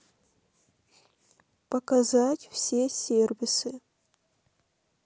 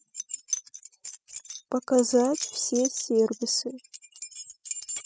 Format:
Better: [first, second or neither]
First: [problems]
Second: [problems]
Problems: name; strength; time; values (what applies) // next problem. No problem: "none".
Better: first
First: none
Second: noise reduction (classical method spectral subtraction)